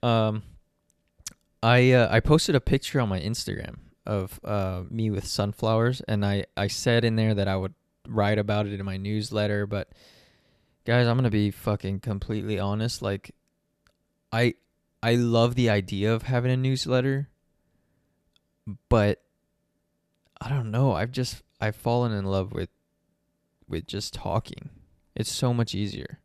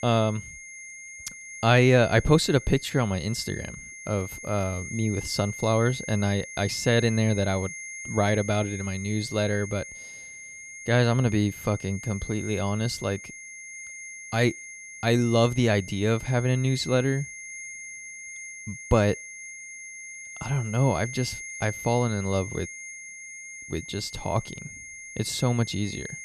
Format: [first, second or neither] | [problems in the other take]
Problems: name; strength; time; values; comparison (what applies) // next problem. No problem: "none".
first | high-pitched whine; noticeable; throughout; 2 kHz, 10 dB below the speech